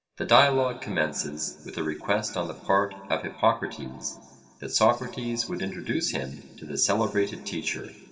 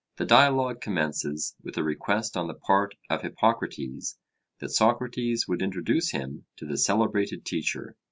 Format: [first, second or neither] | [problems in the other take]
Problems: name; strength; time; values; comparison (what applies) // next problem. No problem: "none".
second | room echo; dies away in 1.8 s